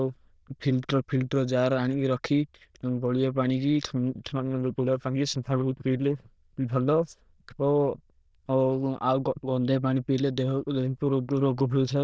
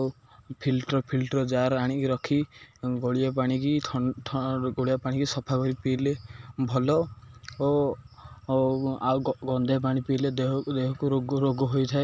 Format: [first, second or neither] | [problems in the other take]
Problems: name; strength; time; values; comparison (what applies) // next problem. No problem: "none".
second | noise reduction (neural diffusion model UNIVERSE++)